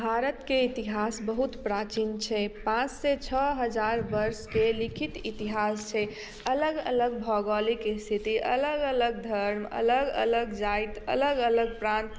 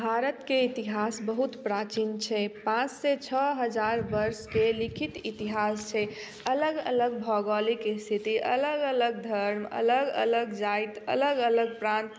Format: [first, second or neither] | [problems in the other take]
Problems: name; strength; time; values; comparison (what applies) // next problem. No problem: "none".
second | background sound (Bird); 17 dB below the speech